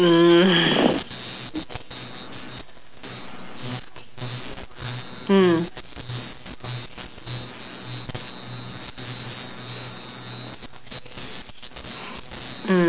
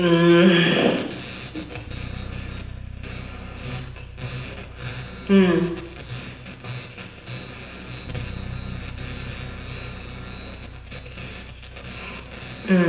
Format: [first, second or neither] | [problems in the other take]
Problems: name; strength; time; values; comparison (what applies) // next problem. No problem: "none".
first | background sound (Bass guitar); 13 dB below the speech // room echo; dies away in 0.9 s